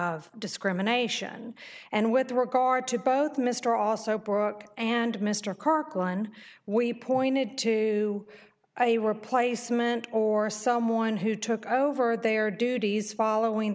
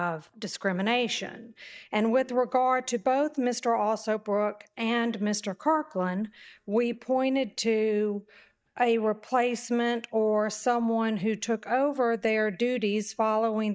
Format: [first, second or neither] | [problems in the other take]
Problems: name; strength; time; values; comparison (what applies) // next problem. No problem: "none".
first | noise reduction (neural mask model DeepFilterNet 3)